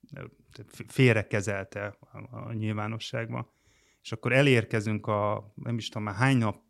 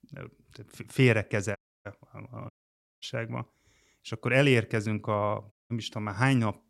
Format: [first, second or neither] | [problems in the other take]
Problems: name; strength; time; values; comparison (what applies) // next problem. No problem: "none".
first | audio cutting out; at 1.5 s, at 2.5 s for 0.5 s and at 5.5 s